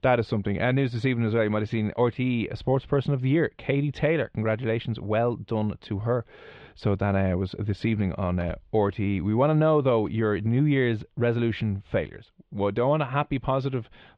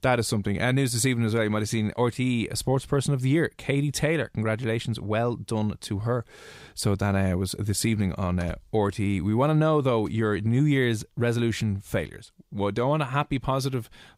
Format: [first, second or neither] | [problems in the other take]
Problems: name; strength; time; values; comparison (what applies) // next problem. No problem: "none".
second | muffled; very; fading above 3 kHz